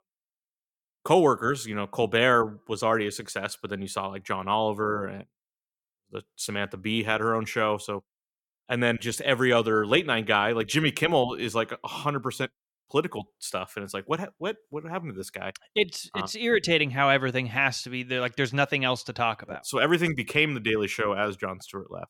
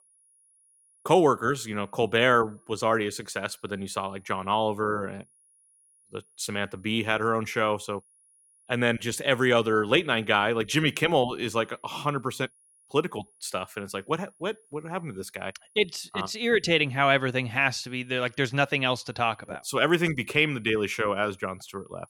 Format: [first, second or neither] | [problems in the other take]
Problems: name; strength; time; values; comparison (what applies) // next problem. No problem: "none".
first | high-pitched whine; faint; throughout; 10.5 kHz, 35 dB below the speech